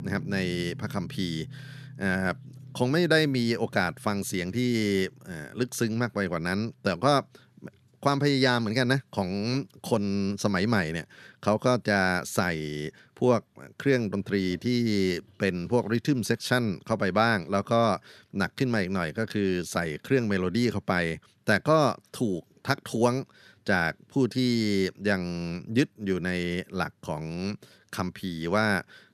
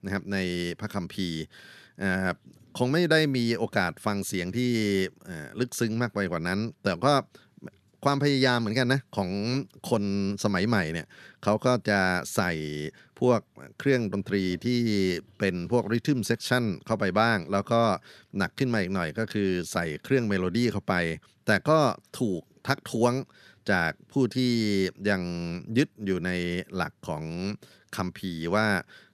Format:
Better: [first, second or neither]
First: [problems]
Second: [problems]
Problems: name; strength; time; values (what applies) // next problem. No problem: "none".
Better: second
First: background music; noticeable; throughout; 20 dB below the speech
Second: none